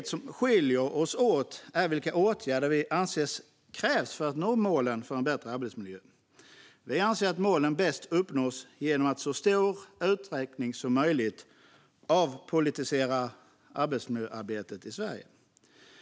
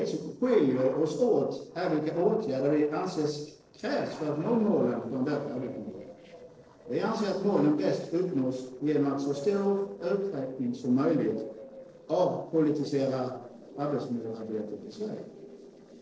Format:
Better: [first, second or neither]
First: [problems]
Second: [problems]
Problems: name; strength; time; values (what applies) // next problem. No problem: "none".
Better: first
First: none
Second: noise reduction (neural separator model SepFormer DNS4)